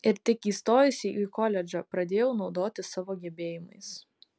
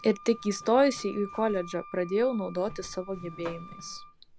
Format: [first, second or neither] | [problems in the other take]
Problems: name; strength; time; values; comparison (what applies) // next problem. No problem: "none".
first | background sound (Zipper (clothing) + Wind instrument, woodwind instrument); 16 dB below the speech